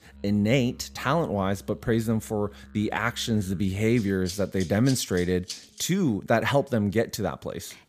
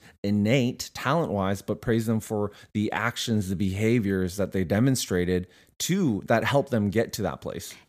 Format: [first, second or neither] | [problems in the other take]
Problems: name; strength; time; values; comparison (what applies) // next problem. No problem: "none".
second | background music; noticeable; until 6 s; 20 dB below the speech